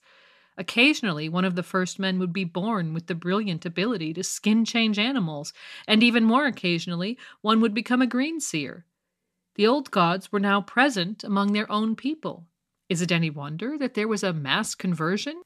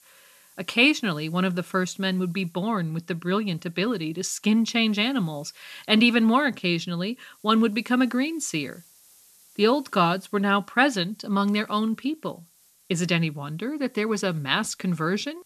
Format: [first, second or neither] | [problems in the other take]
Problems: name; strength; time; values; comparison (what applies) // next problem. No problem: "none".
first | hiss; faint; throughout; 30 dB below the speech